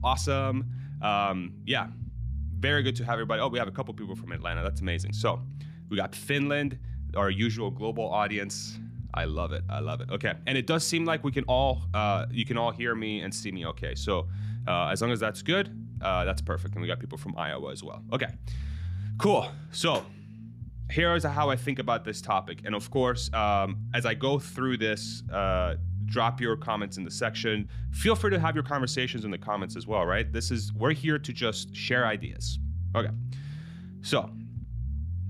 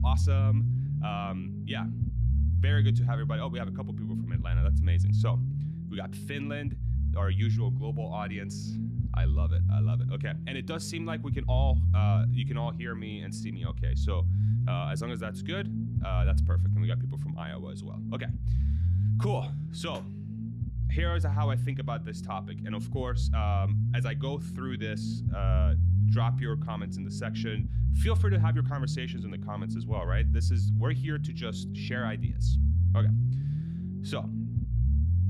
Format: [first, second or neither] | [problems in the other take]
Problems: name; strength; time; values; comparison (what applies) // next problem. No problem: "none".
first | low rumble; loud; throughout; 4 dB below the speech; faint in the first